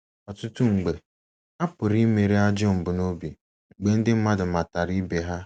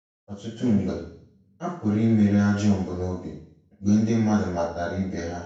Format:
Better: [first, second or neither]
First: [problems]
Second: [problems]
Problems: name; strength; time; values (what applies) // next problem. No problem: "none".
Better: first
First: none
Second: room echo; dies away in 0.6 s